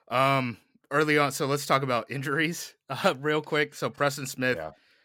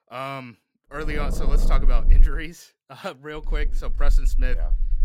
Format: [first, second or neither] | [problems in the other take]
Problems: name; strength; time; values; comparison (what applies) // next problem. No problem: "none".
first | low rumble; loud; from 1 to 2.5 s and from 3.5 s on; 10 dB below the speech